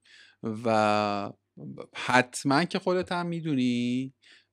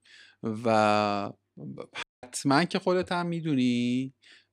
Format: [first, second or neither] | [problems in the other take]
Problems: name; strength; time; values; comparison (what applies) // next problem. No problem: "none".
first | audio cutting out; at 2 s